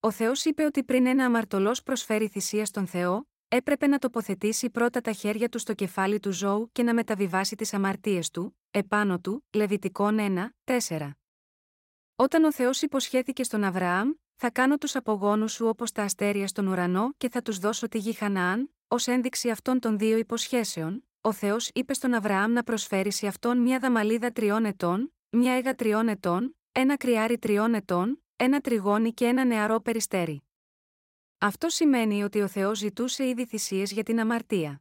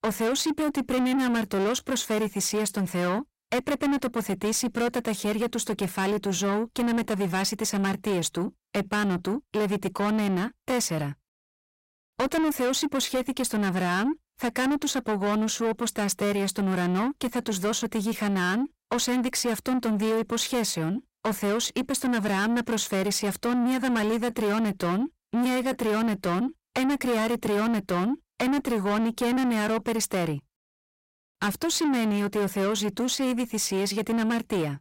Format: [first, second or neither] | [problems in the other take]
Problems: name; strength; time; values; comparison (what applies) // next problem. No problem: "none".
first | distortion; heavy; 8 dB below the speech